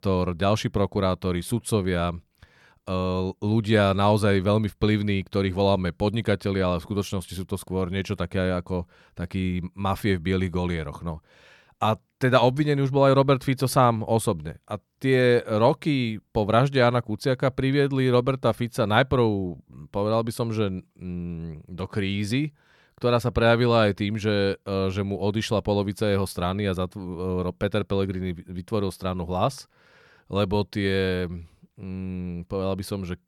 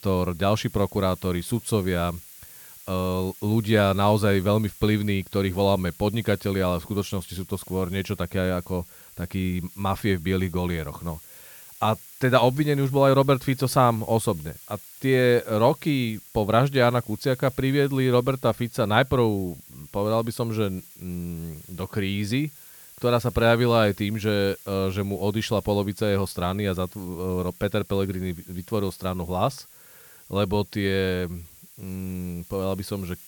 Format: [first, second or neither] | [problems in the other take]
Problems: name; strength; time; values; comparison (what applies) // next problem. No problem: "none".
first | hiss; noticeable; throughout; 20 dB below the speech